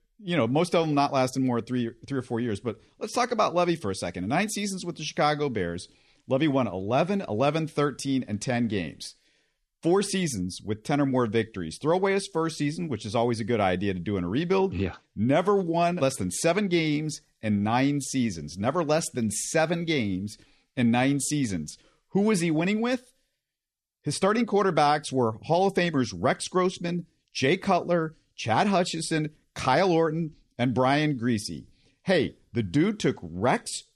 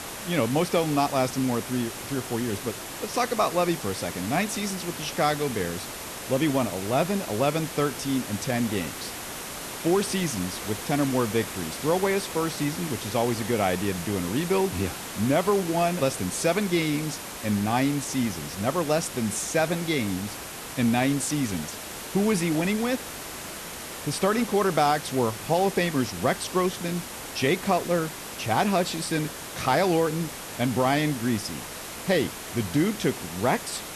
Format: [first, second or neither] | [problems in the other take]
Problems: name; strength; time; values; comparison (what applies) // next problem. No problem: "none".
first | hiss; loud; throughout; 8 dB below the speech